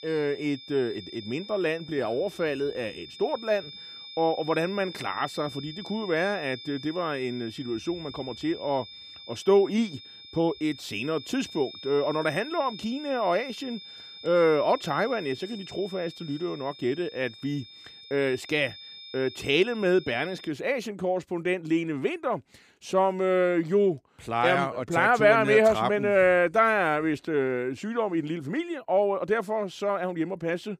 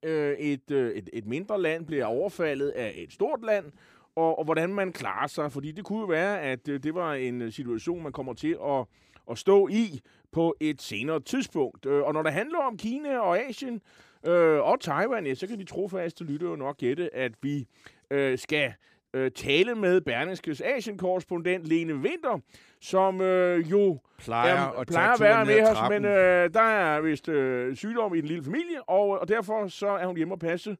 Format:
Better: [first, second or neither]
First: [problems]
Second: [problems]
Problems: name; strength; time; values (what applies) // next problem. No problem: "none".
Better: second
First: high-pitched whine; noticeable; until 20 s; 3.5 kHz, 15 dB below the speech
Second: none